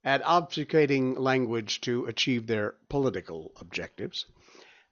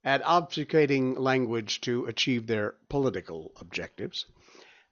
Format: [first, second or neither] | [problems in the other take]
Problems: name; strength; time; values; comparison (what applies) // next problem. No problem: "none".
neither | garbled, watery; slightly; nothing above 6.5 kHz; the same in both